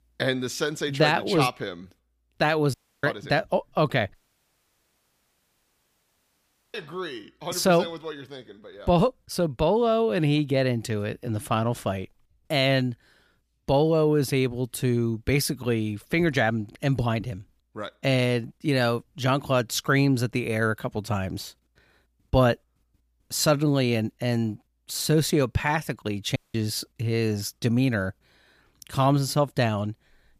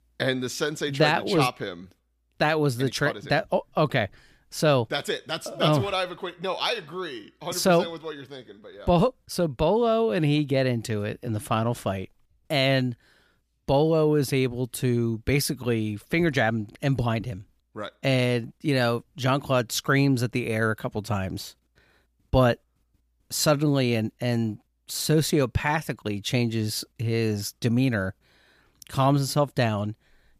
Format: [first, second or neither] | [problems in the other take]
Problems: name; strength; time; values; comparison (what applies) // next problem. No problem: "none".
second | audio cutting out; at 2.5 s, at 4 s for 2.5 s and at 26 s